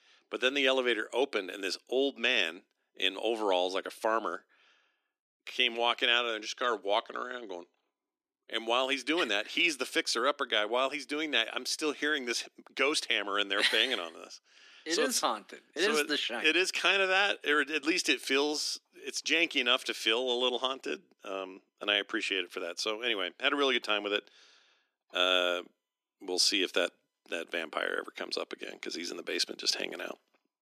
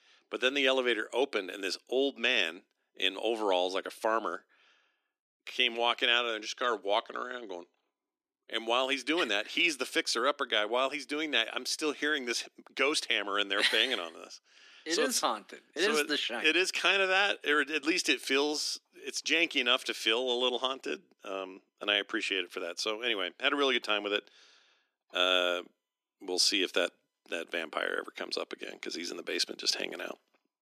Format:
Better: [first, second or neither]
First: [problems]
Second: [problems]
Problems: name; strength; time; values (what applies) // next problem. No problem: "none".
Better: neither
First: thin; somewhat; fading below 250 Hz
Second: thin; somewhat; fading below 250 Hz